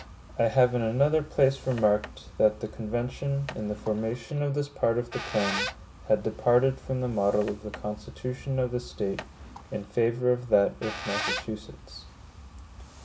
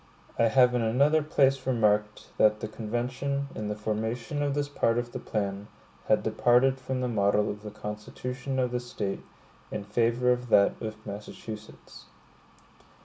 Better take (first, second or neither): second